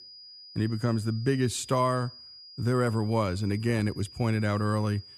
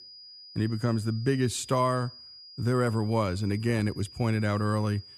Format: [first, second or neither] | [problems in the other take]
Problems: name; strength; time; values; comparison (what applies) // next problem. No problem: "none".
neither | high-pitched whine; noticeable; throughout; 5 kHz, 20 dB below the speech; the same in both